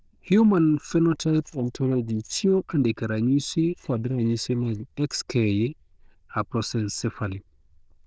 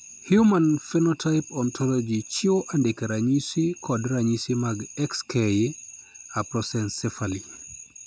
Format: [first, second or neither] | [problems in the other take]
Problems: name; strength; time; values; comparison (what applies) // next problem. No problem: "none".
second | noise reduction (neural diffusion model UNIVERSE++)